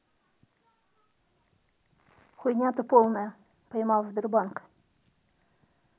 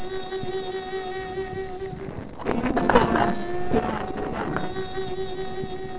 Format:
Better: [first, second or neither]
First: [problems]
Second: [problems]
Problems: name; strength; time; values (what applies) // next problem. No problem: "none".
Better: first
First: none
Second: noise reduction (neural separator model SepFormer DNS4)